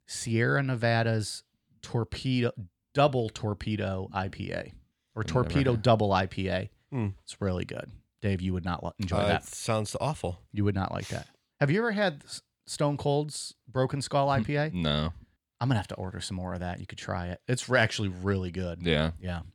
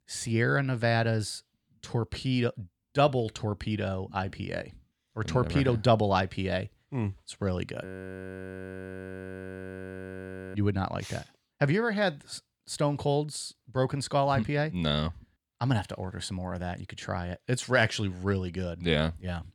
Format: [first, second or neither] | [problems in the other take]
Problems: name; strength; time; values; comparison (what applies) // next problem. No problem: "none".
first | audio freezing; at 8 s for 2.5 s